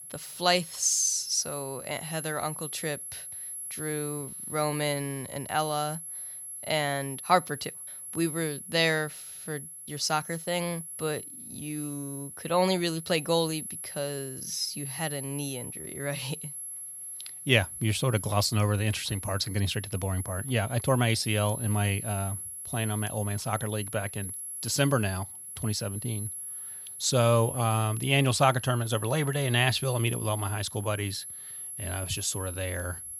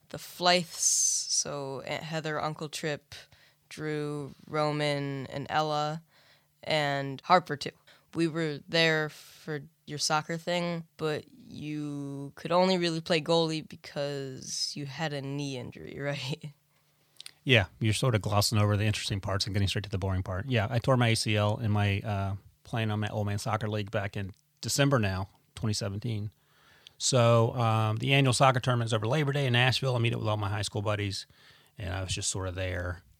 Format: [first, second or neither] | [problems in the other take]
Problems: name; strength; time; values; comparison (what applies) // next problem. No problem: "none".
second | high-pitched whine; loud; throughout; 11 kHz, 8 dB below the speech